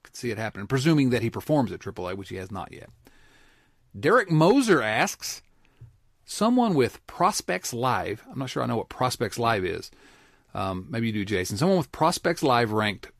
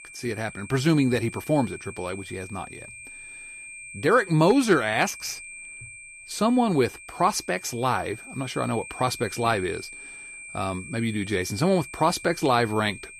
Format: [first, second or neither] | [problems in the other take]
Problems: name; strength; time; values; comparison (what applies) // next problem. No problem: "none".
first | high-pitched whine; noticeable; throughout; 2.5 kHz, 15 dB below the speech